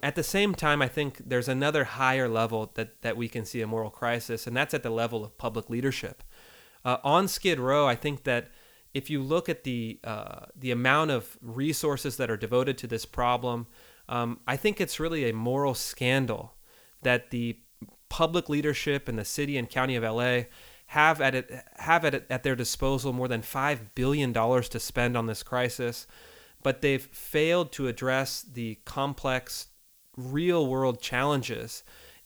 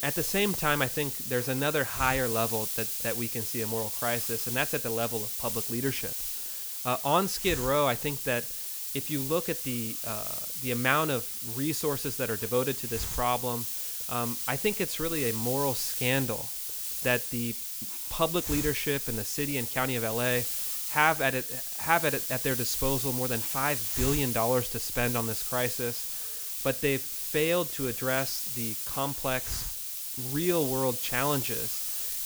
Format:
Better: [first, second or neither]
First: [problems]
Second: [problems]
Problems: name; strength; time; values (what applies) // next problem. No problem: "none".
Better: first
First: hiss; faint; throughout; 25 dB below the speech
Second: hiss; loud; throughout; 1 dB below the speech